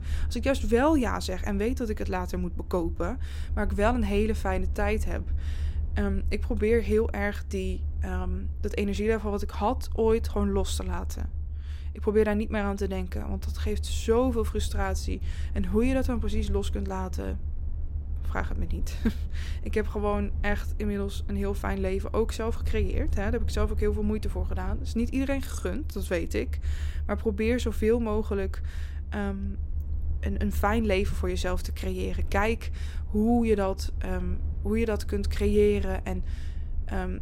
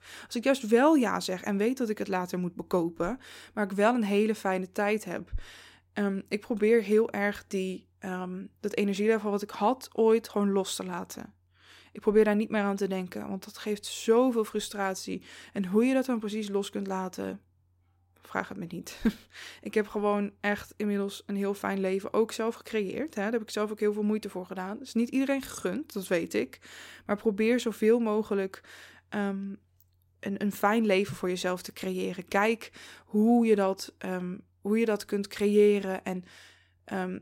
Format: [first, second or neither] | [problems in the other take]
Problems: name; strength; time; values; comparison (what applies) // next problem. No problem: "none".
second | low rumble; faint; throughout; 20 dB below the speech